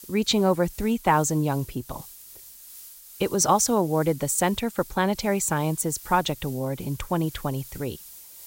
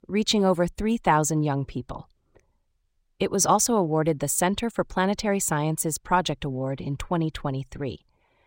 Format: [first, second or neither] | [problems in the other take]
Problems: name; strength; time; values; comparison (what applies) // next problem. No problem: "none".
second | hiss; noticeable; throughout; 20 dB below the speech